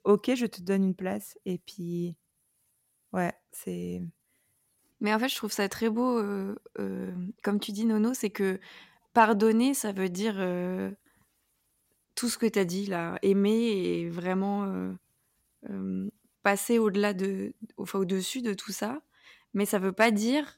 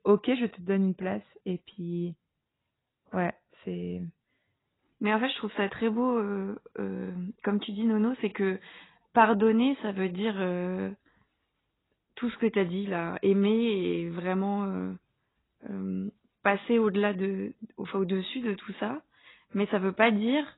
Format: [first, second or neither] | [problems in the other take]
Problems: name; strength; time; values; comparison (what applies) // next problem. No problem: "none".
first | garbled, watery; badly; nothing above 4 kHz